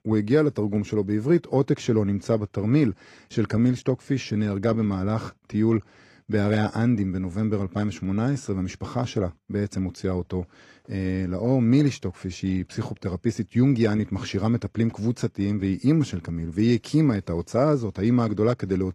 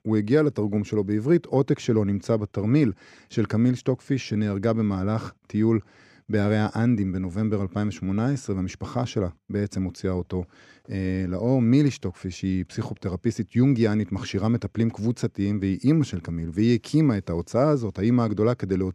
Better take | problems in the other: second | garbled, watery; slightly

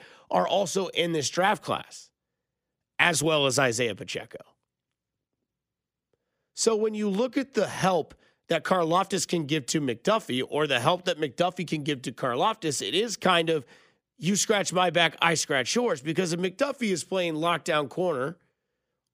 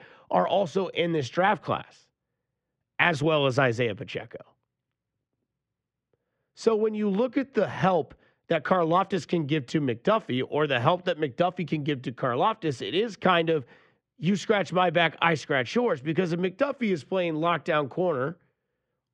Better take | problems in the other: first | muffled; slightly; fading above 2.5 kHz

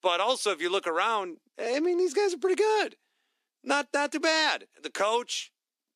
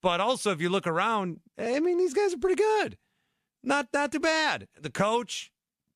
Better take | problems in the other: second | thin; very slightly; fading below 300 Hz

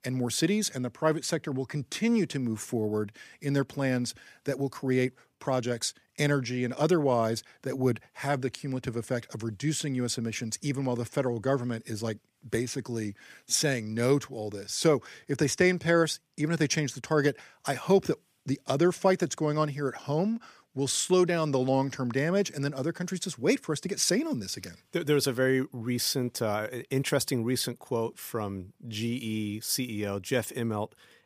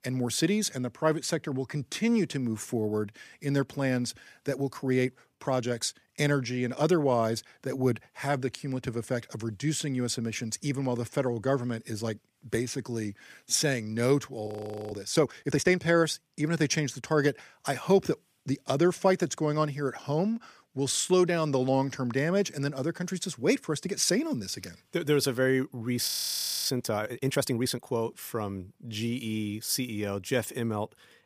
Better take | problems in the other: first | audio freezing; at 14 s and at 26 s for 0.5 s

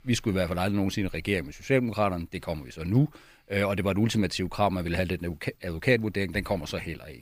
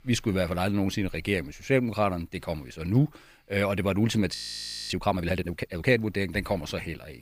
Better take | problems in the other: first | audio freezing; at 4.5 s for 0.5 s

